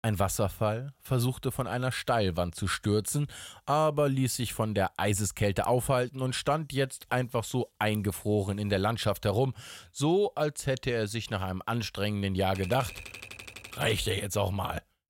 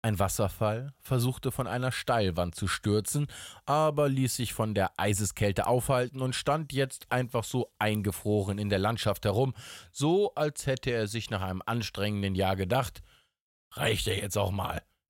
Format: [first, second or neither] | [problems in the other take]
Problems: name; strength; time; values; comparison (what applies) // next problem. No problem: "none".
second | keyboard typing; faint; from 13 to 14 s; peak 10 dB below the speech